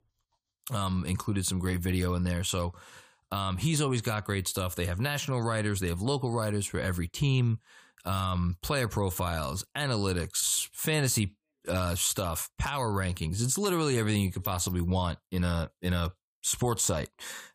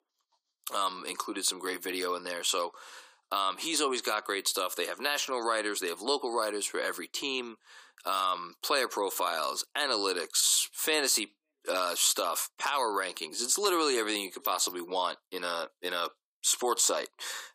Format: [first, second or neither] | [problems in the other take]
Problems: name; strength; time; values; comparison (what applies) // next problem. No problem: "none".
first | thin; very; fading below 300 Hz